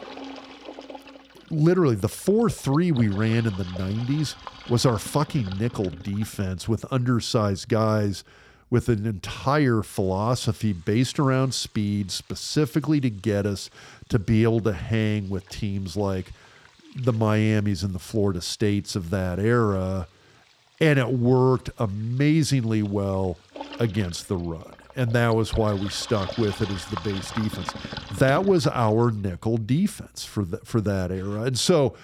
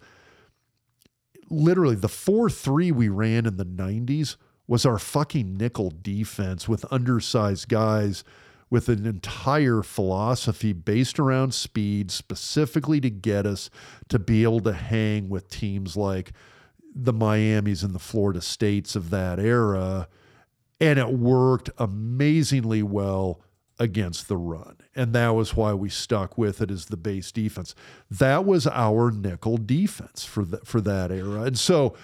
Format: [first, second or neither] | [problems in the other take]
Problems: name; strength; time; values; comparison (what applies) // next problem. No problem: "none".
second | household noises; noticeable; throughout; 15 dB below the speech